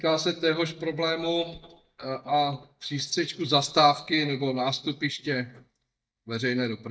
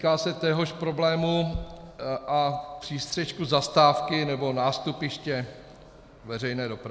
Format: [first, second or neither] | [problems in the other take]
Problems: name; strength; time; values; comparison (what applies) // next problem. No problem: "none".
second | noise reduction (neural mask model DeepFilterNet 3)